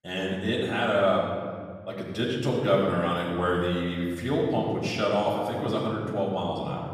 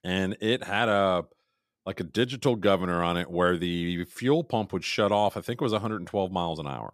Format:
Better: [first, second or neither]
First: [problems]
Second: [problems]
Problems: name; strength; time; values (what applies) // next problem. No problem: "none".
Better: second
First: off-mic speech; far // room echo; noticeable; dies away in 1.8 s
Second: none